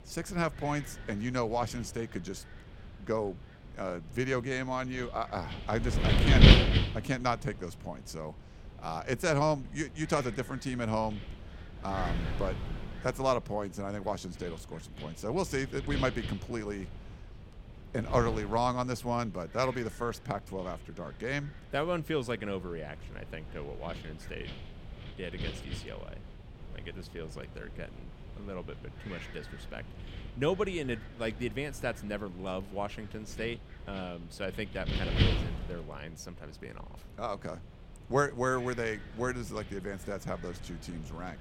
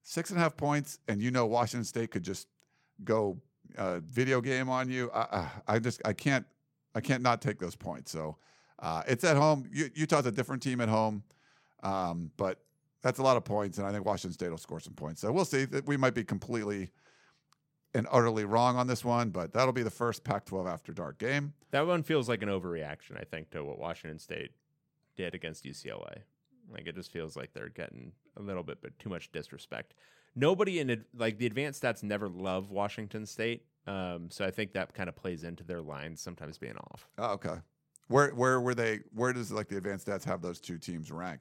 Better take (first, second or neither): second